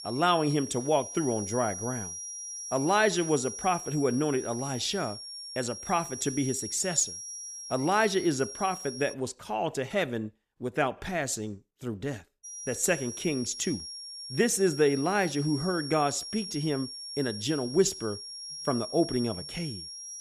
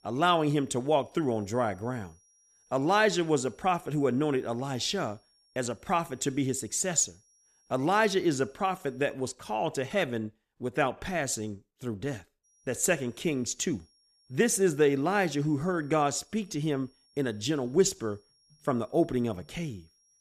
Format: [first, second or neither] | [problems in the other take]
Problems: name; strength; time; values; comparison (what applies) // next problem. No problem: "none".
second | high-pitched whine; loud; until 9 s and from 12 s on; 5.5 kHz, 8 dB below the speech; faint in the second